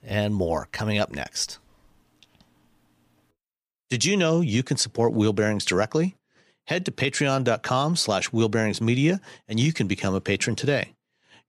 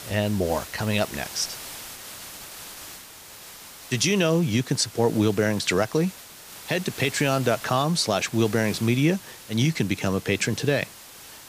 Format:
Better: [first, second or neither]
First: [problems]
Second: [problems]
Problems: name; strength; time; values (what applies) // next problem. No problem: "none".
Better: first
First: none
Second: hiss; noticeable; throughout; 15 dB below the speech